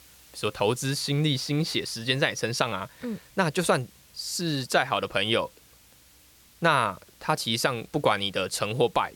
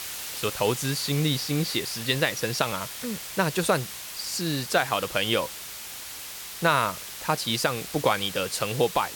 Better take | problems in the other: first | hiss; loud; throughout; 8 dB below the speech; faint in the first

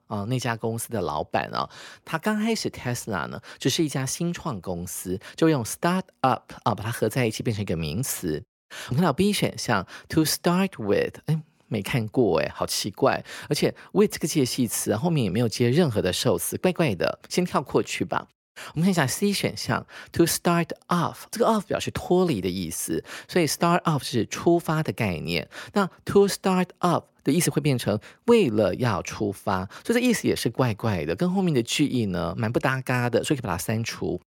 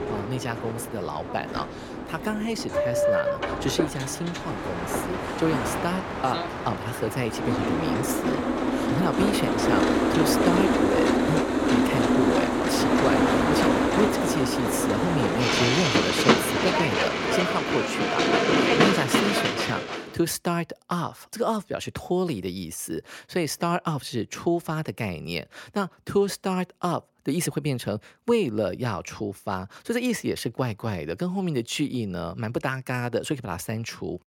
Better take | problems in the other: first | train or aircraft noise; very loud; until 20 s; 5 dB above the speech

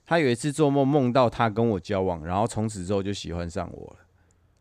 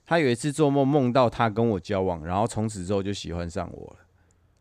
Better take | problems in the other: neither | none

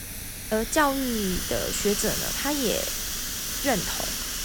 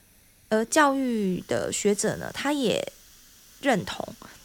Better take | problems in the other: second | hiss; loud; throughout; 1 dB below the speech; faint in the second

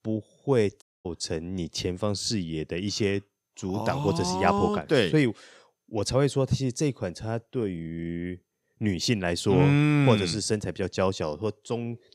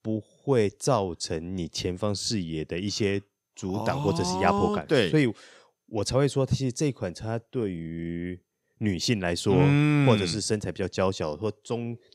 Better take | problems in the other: second | audio cutting out; at 1 s

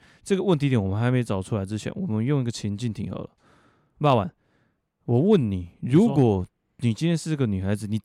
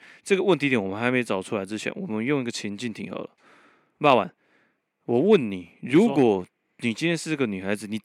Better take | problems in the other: first | thin; very slightly; fading below 300 Hz

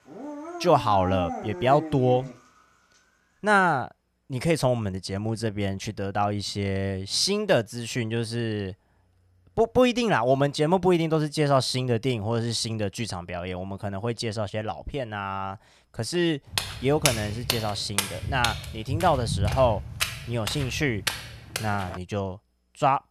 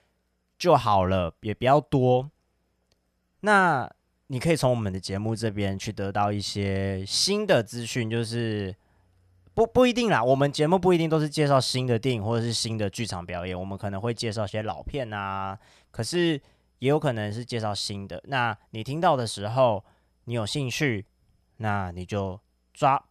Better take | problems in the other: second | dog barking; noticeable; until 2.5 s; peak 6 dB below the speech // footsteps; loud; from 17 to 22 s; peak level with the speech

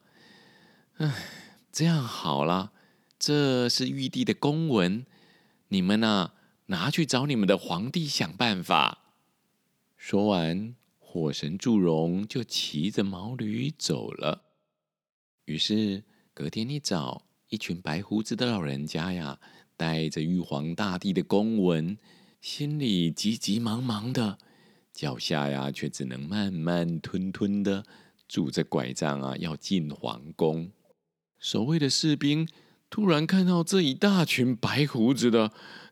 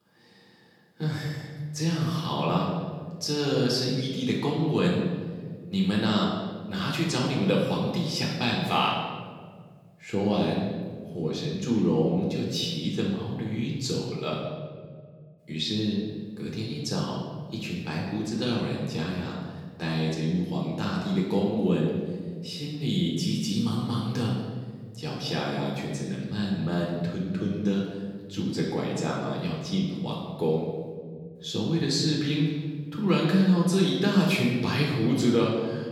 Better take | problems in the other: first | room echo; noticeable; dies away in 1.7 s // off-mic speech; far

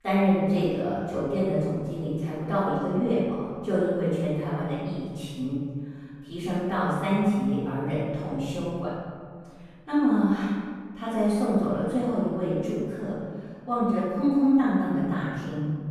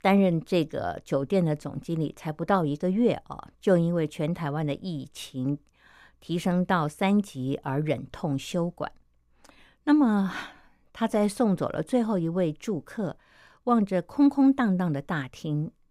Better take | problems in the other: second | room echo; strong; dies away in 1.7 s // off-mic speech; far

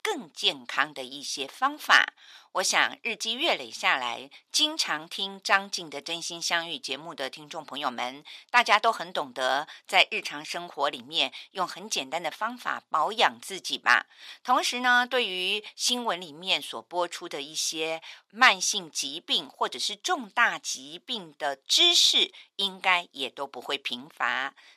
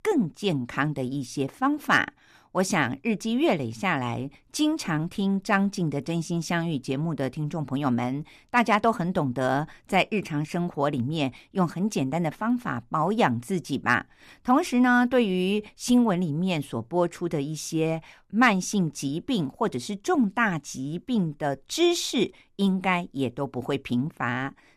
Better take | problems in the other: second | thin; very; fading below 700 Hz

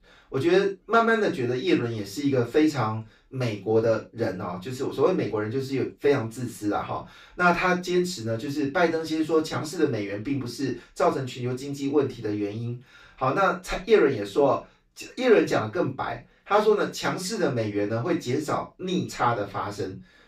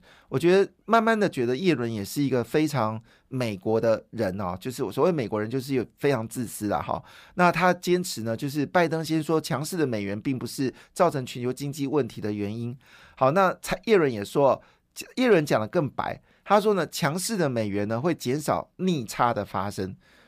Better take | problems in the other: second | room echo; slight; dies away in 0.2 s // off-mic speech; far

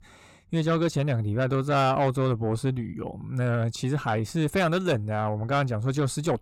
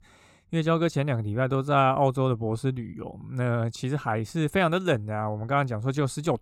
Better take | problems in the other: second | distortion; slight; 10 dB below the speech

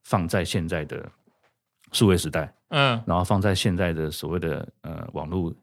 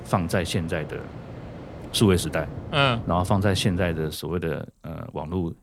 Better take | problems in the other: first | rain or running water; noticeable; throughout; 15 dB below the speech

